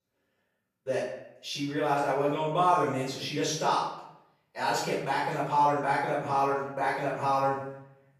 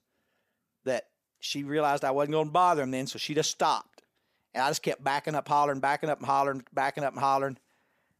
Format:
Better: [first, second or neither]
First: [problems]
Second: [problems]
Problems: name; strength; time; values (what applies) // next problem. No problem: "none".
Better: second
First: off-mic speech; far // room echo; noticeable; dies away in 0.7 s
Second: none